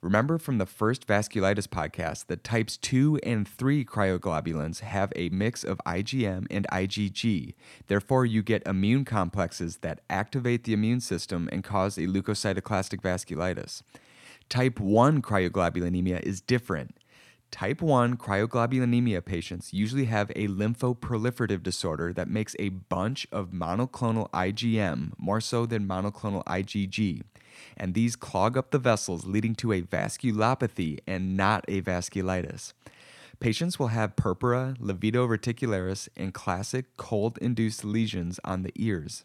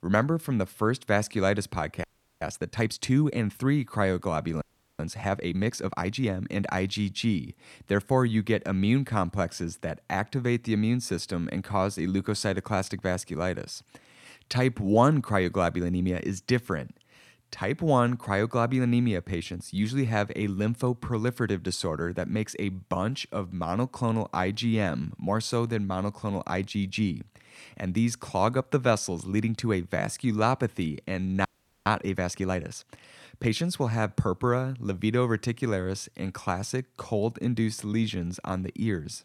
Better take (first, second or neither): first